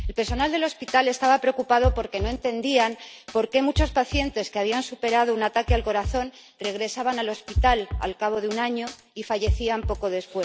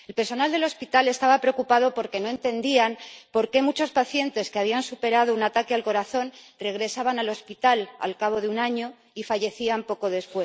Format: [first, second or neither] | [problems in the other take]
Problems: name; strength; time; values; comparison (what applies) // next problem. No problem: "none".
second | background sound (Drum kit); 7 dB below the speech